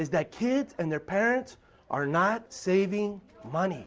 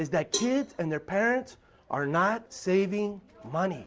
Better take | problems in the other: first | background sound (Cowbell); 11 dB below the speech

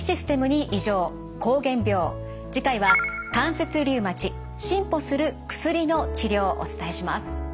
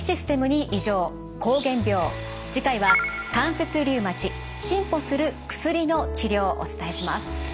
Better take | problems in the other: first | background sound (Domestic sounds, home sounds); 18 dB below the speech

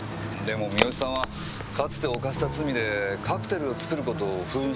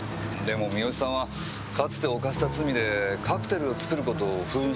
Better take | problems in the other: second | background sound (Crack); 4 dB below the speech

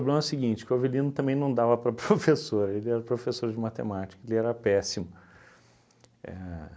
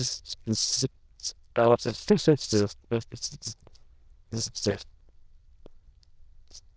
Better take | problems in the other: first | noise reduction (neural diffusion model UNIVERSE++)

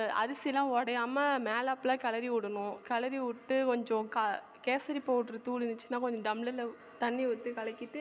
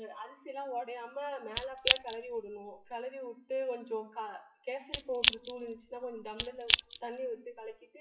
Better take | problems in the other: first | noise reduction (classical method WPE with log-MMSE)

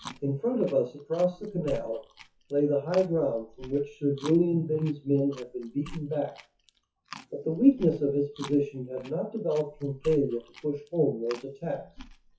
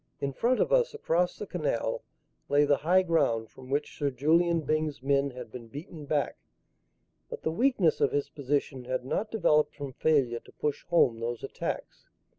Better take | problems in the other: second | noise reduction (classical method WPE with log-MMSE)

